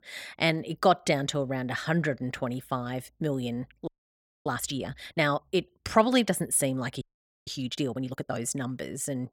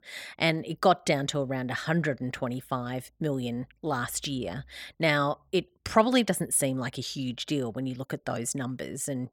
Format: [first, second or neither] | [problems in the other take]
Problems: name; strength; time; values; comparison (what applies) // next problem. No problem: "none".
second | audio freezing; at 4 s for 0.5 s and at 7 s